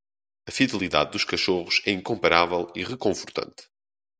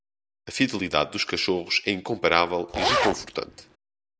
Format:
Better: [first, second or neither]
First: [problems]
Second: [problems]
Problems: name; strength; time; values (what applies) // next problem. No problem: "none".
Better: first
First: none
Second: background sound (Zipper (clothing)); as loud as the speech